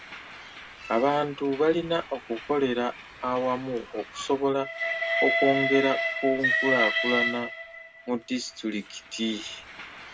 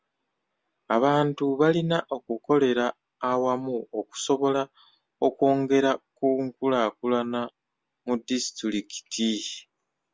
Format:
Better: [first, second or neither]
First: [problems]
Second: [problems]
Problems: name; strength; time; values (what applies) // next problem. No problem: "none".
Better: second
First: background sound (Train); 4 dB below the speech // room echo; dies away in 0.2 s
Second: none